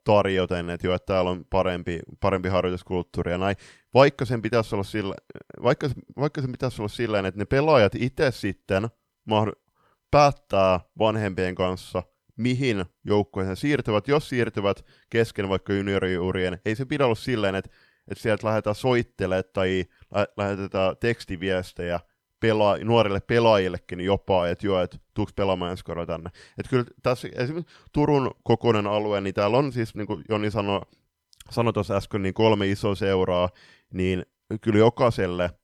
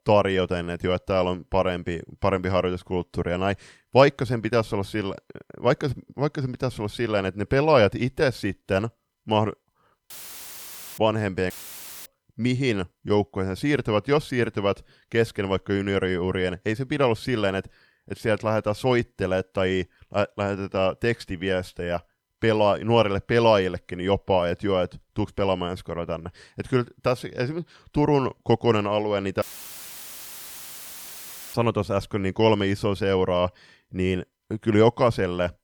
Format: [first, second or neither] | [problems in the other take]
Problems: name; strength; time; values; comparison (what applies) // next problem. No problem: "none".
first | audio cutting out; filled with static; at 10 s for 1 s, at 12 s for 0.5 s and at 29 s for 2 s